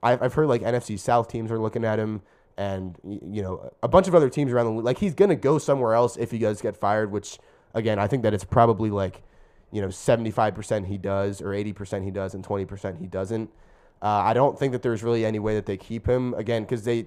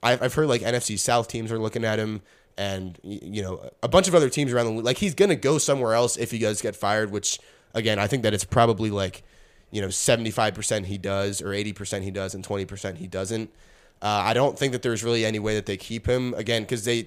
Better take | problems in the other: second | muffled; slightly; fading above 2 kHz

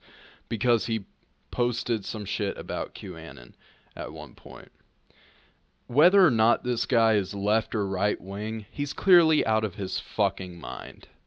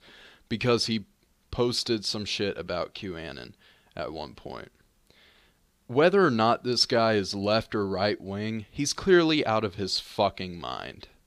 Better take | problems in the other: second | muffled; very slightly; fading above 4 kHz

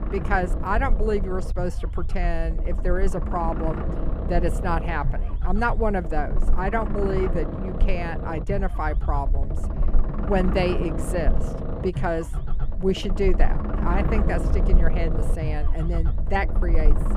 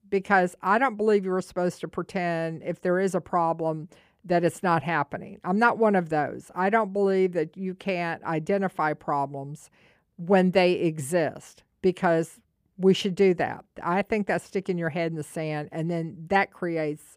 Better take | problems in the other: second | low rumble; loud; throughout; 8 dB below the speech

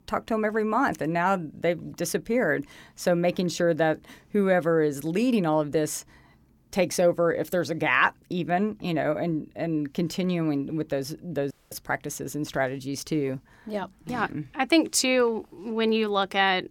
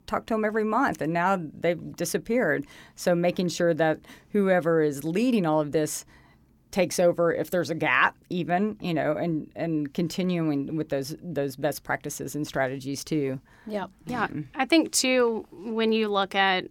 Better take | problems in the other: second | audio cutting out; at 12 s

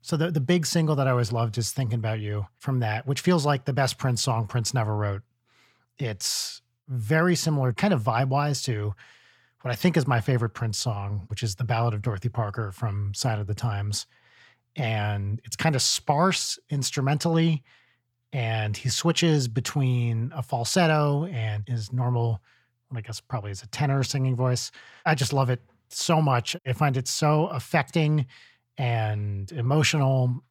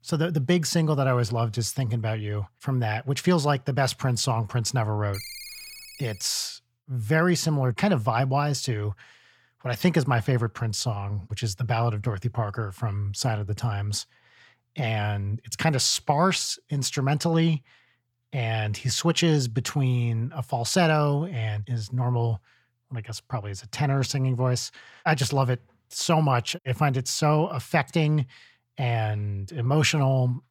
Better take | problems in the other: first | phone ringing; faint; from 5 to 6.5 s; peak 10 dB below the speech

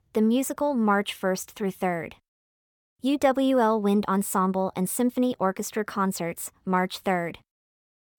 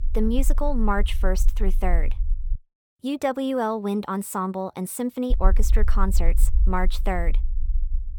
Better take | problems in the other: first | low rumble; faint; until 2.5 s and from 5.5 s on; 20 dB below the speech

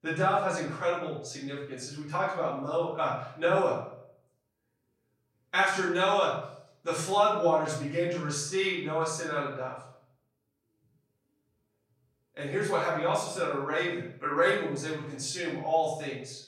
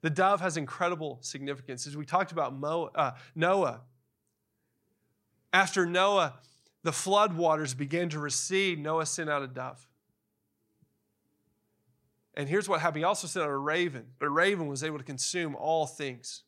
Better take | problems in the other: second | off-mic speech; far // room echo; noticeable; dies away in 0.6 s

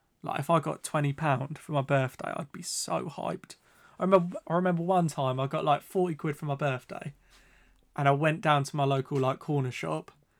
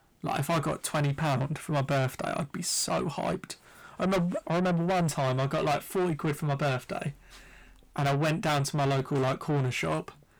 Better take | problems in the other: first | distortion; heavy; 6 dB below the speech

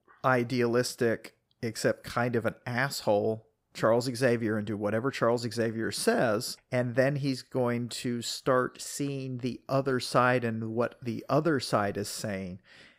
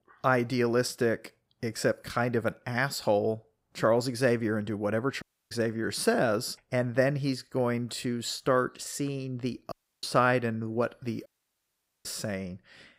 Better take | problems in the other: first | audio cutting out; at 5 s, at 9.5 s and at 11 s for 1 s

